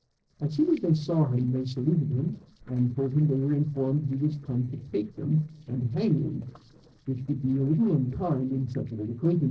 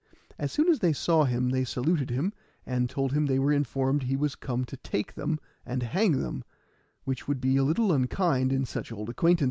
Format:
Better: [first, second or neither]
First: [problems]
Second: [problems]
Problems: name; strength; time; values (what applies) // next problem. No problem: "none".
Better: second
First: noise reduction (neural separator model SepFormer DNS4)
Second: none